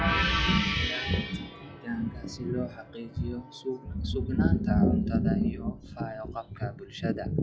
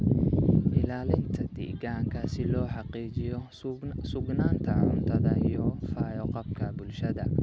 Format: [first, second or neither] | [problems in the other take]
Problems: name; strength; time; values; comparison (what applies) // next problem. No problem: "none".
second | noise reduction (classical method log-MMSE)